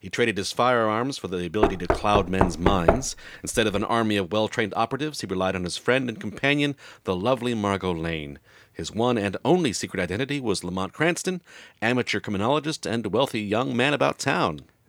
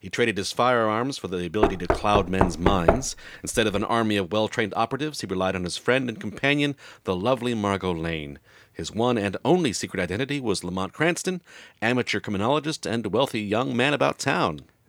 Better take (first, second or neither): neither